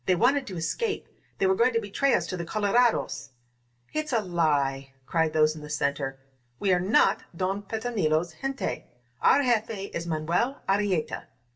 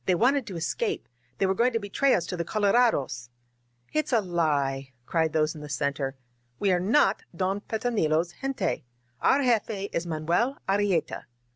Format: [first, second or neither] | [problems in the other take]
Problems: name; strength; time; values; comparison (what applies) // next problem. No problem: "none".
second | room echo; dies away in 0.2 s